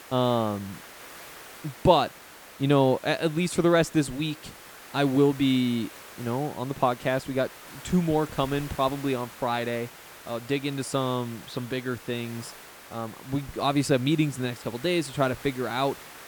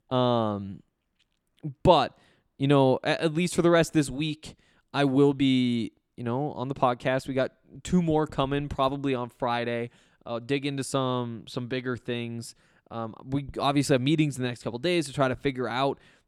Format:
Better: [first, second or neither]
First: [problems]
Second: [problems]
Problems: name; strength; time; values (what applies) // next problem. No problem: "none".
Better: second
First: hiss; noticeable; throughout; 15 dB below the speech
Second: none